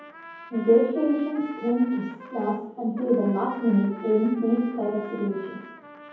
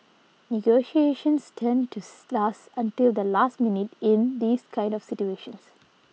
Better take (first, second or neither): second